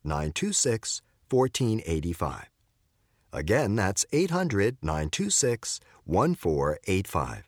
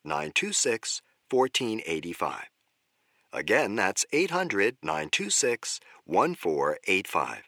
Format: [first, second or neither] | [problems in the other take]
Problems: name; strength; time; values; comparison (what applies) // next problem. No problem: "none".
first | thin; somewhat; fading below 300 Hz